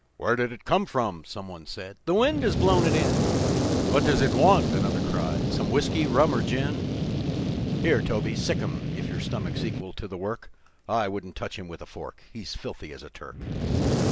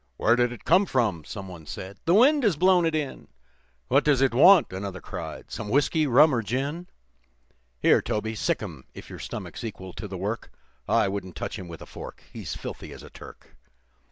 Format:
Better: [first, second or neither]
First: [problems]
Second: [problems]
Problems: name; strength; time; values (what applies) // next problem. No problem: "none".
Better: second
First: background sound (Fire); as loud as the speech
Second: none